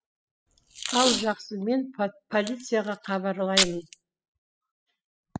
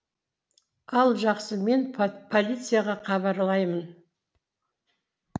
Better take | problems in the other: second | noise reduction (classical method spectral subtraction)

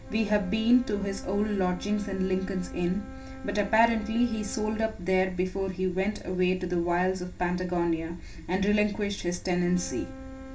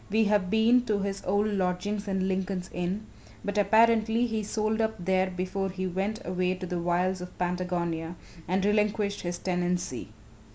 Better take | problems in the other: second | background sound (Wind instrument, woodwind instrument); 18 dB below the speech // room echo; dies away in 0.2 s

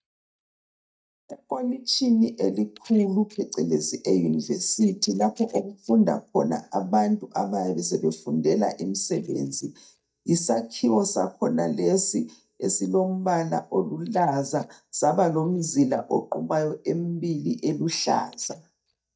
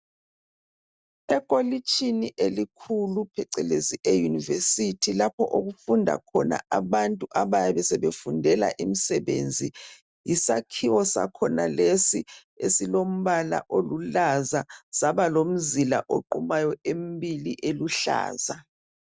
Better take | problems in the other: second | noise reduction (neural mask model DeepFilterNet 3)

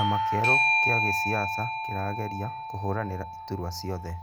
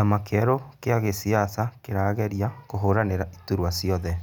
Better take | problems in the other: second | background sound (Bell / Doorbell); 4 dB above the speech

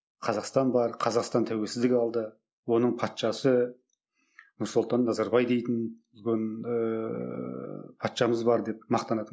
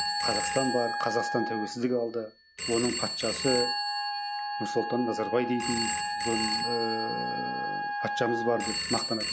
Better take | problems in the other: first | background sound (Telephone + Wind instrument, woodwind instrument); as loud as the speech

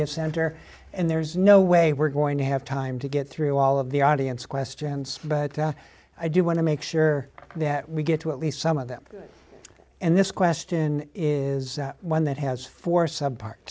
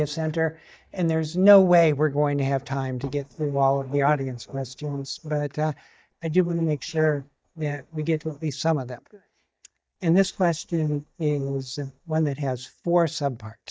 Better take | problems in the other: first | noise reduction (neural mask model DeepFilterNet 3)

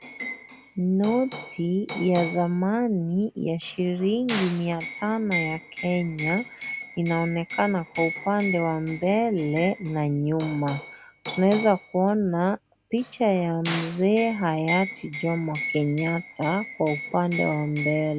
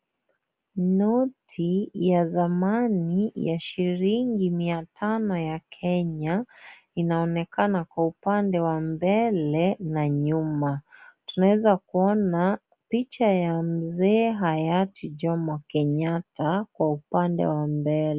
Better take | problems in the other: second | background sound (Liquid); 11 dB below the speech

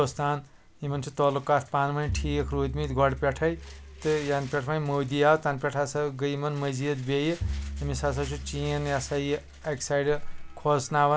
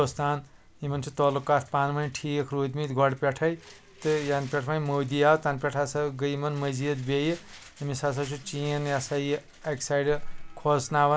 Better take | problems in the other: second | background sound (Bowed string instrument); 10 dB below the speech

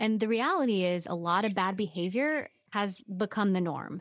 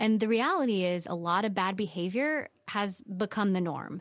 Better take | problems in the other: second | noise reduction (neural mask model DeepFilterNet 3)

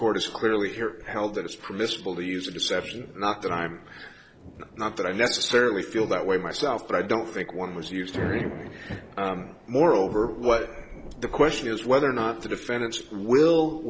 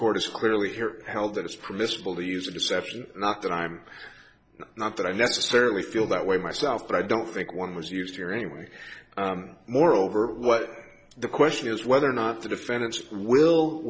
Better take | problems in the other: second | background sound (Thunder / Rain); 15 dB below the speech

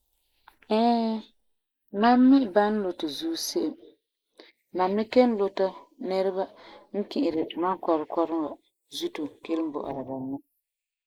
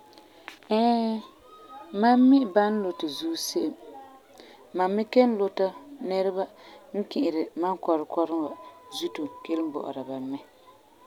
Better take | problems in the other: second | noise reduction (neural mask model Resemble Enhance denoiser)

